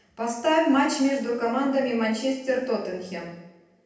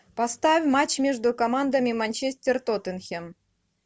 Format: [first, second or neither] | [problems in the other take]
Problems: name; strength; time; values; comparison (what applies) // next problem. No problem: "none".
second | room echo; dies away in 0.9 s